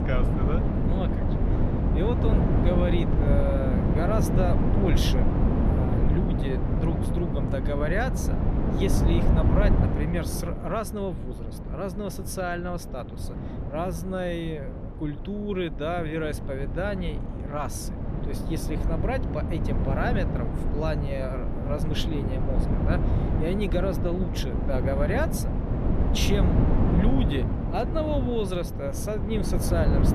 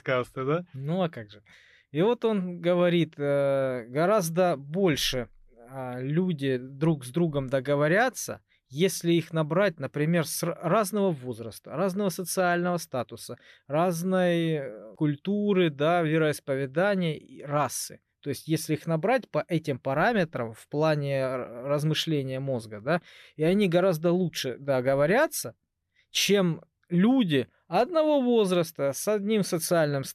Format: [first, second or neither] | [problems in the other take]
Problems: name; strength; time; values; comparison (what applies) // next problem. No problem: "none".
second | wind noise on the microphone; heavy; 2 dB below the speech